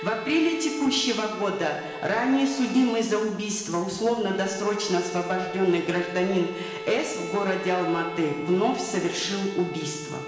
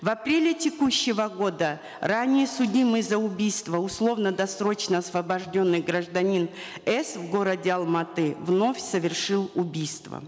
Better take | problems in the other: second | background sound (Bowed string instrument); 12 dB below the speech // room echo; dies away in 0.9 s

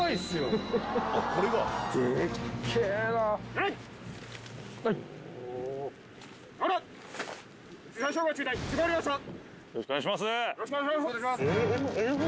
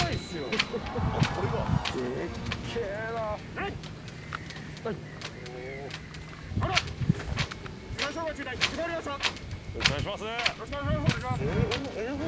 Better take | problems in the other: first | background sound (Wind); 3 dB above the speech

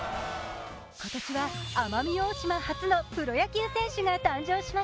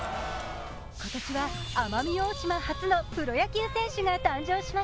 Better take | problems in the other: first | background sound (Splash, splatter); 12 dB below the speech

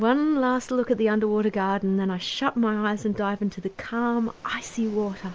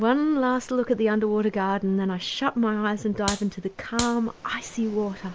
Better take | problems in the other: first | background sound (Clapping); 10 dB below the speech

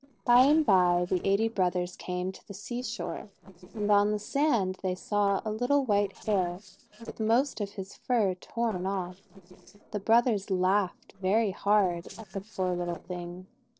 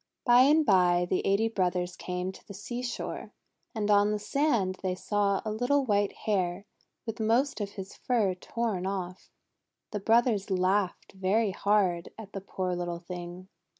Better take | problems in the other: second | noise reduction (neural separator model SepFormer DNS4)

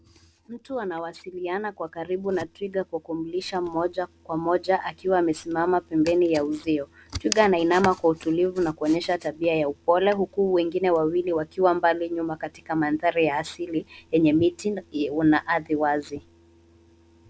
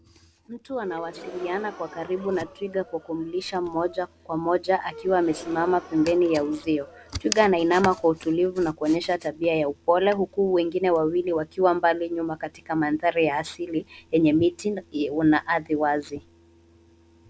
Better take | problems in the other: first | background sound (Gasp); 19 dB below the speech

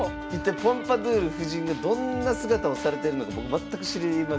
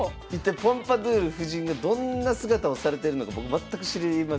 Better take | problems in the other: second | background sound (Wind instrument, woodwind instrument); 9 dB below the speech

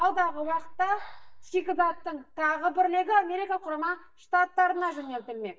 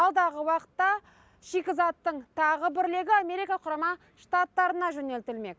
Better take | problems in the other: second | noise reduction (neural mask model DeepFilterNet 3)

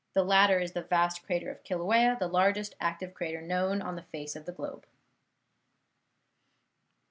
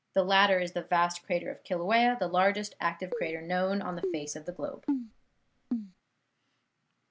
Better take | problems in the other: first | background sound (Keyboard (musical)); 6 dB below the speech

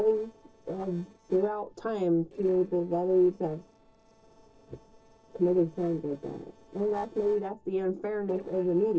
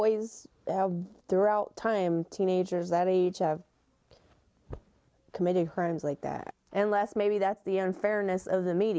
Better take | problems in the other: second | noise reduction (neural separator model SepFormer DNS4)

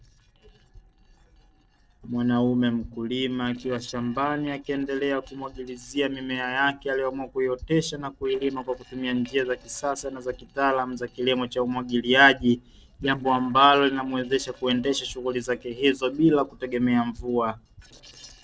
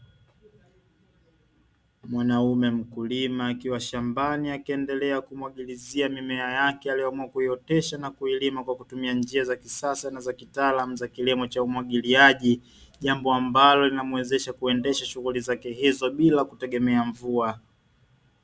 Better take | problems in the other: second | noise reduction (neural separator model SepFormer DNS4)

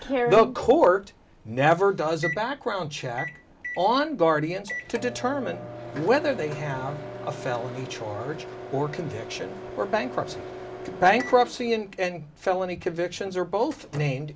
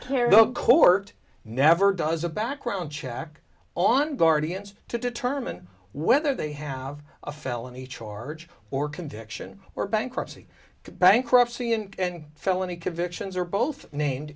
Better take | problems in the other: second | background sound (Microwave oven); 13 dB below the speech

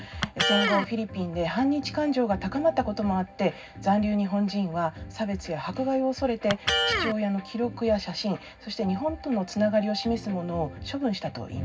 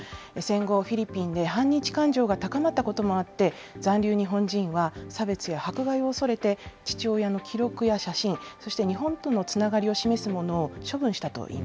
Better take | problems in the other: second | background sound (Electric guitar); 5 dB below the speech // room echo; dies away in 0.4 s

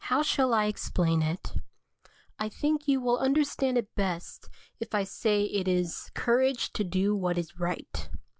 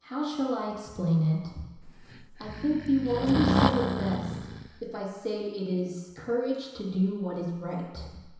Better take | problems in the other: first | background sound (Breathing); as loud as the speech // room echo; dies away in 1 s

